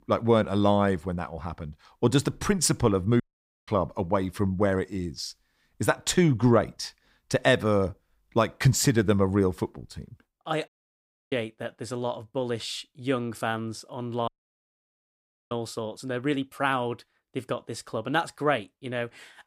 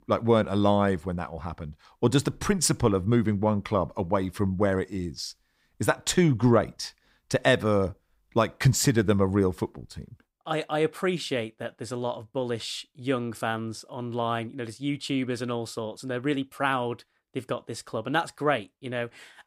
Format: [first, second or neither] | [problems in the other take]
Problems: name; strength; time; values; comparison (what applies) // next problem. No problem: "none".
second | audio cutting out; at 3 s, at 11 s for 0.5 s and at 14 s for 1 s